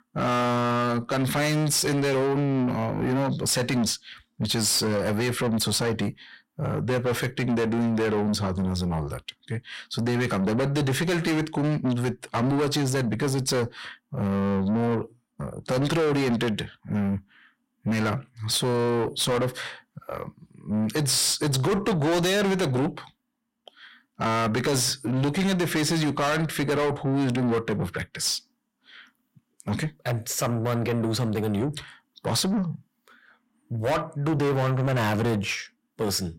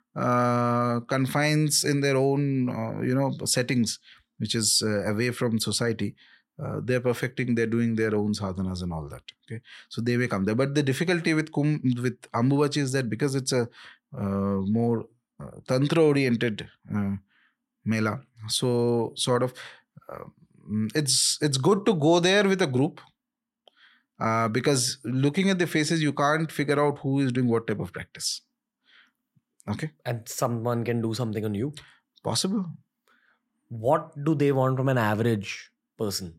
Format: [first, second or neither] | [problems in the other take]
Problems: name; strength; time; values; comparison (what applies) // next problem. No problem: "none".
second | distortion; heavy; 7 dB below the speech